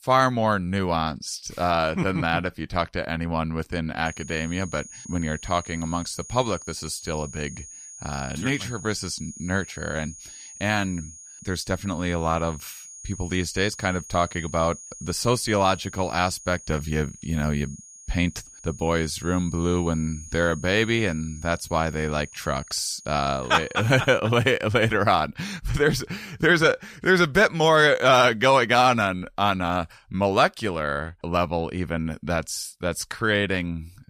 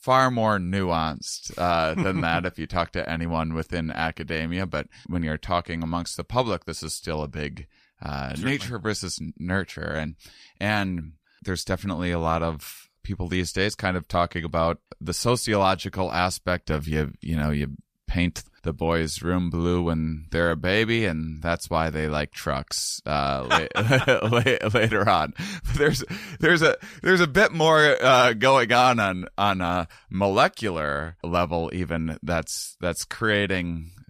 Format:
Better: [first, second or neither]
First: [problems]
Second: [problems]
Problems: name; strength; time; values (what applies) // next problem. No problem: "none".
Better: second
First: high-pitched whine; noticeable; from 4 to 24 s; 6.5 kHz, 15 dB below the speech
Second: none